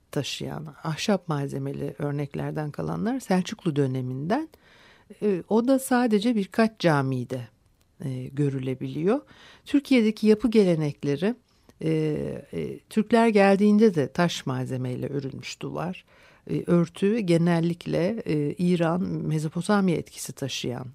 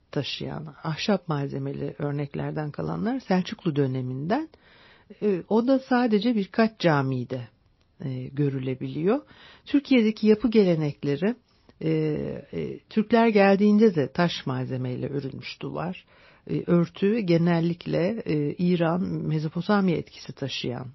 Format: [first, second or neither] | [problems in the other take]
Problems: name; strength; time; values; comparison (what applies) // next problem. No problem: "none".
first | garbled, watery; slightly; nothing above 5.5 kHz